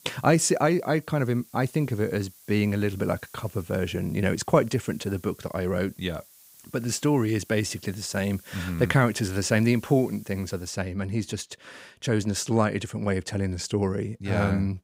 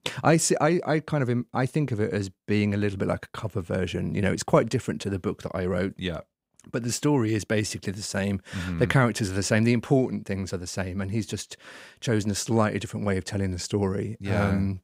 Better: second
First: hiss; faint; until 11 s; 25 dB below the speech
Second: none

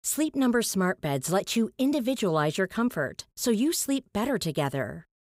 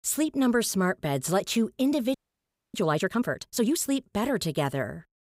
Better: first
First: none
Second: audio freezing; at 2 s for 0.5 s

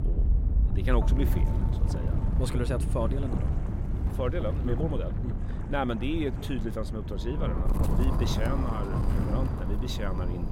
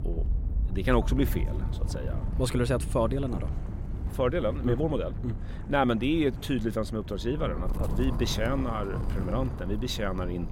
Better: second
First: wind noise on the microphone; heavy; 5 dB below the speech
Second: wind noise on the microphone; occasional gusts; 15 dB below the speech

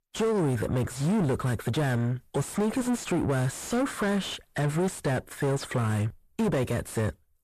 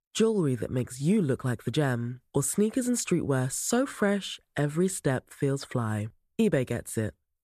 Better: second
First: distortion; heavy; 6 dB below the speech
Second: none

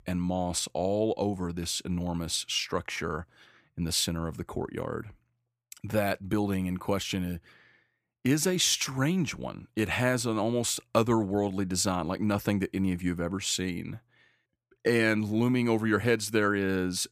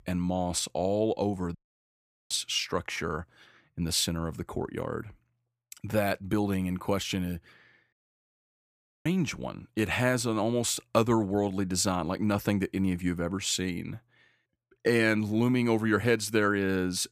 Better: first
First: none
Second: audio cutting out; at 1.5 s for 0.5 s and at 8 s for 1 s

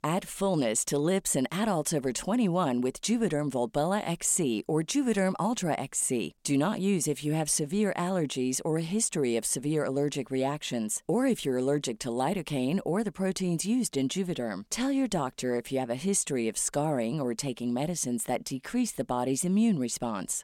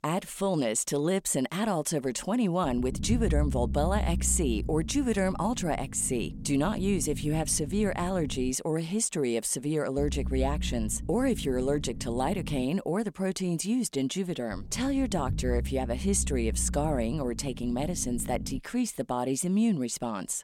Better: first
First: none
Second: low rumble; noticeable; from 2.5 to 8.5 s, from 10 to 13 s and from 15 to 19 s; 15 dB below the speech

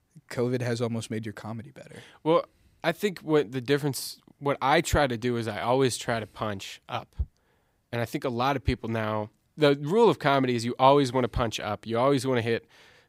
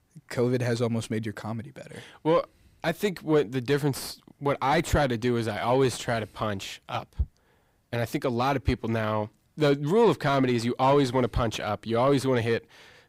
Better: first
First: none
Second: distortion; slight; 10 dB below the speech

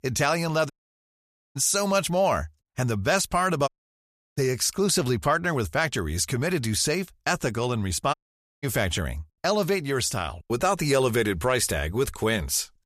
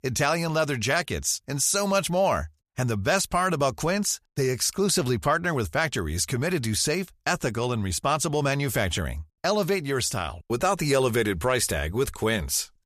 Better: second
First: audio cutting out; at 0.5 s for 1 s, at 3.5 s for 0.5 s and at 8 s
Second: none

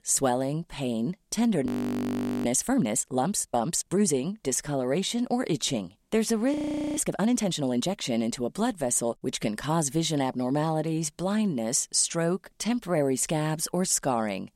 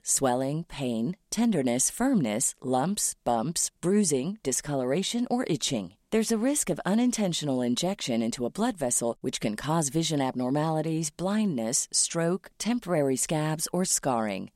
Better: second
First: audio freezing; at 1.5 s for 1 s and at 6.5 s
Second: none

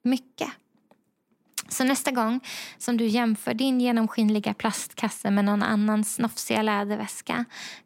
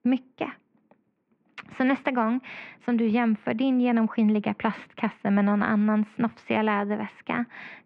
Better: first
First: none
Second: muffled; very; fading above 2.5 kHz

